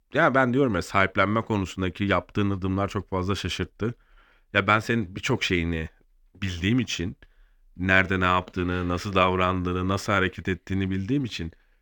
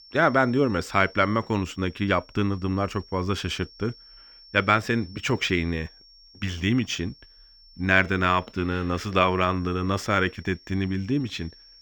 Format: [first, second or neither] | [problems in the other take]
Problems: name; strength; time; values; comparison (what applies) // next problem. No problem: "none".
first | high-pitched whine; faint; throughout; 5.5 kHz, 25 dB below the speech